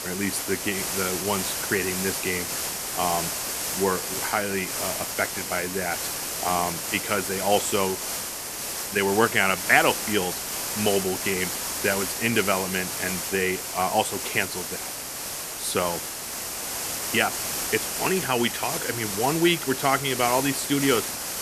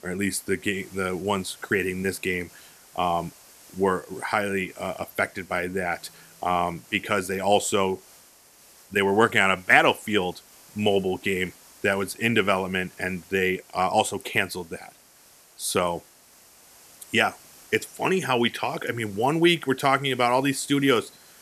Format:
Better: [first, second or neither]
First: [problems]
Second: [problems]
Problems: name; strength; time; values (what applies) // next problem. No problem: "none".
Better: second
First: hiss; loud; throughout; 2 dB below the speech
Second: hiss; faint; throughout; 25 dB below the speech